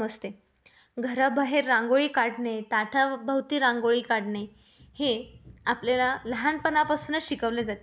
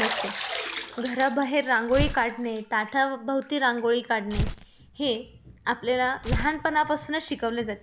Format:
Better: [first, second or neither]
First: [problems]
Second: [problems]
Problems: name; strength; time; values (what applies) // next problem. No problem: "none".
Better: first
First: none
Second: background sound (Tearing + Bathtub (filling or washing)); 8 dB below the speech